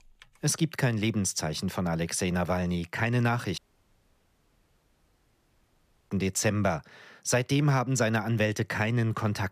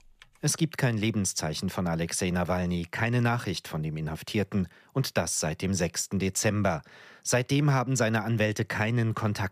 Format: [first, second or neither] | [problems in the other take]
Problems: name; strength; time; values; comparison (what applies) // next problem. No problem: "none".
second | audio cutting out; at 3.5 s for 2.5 s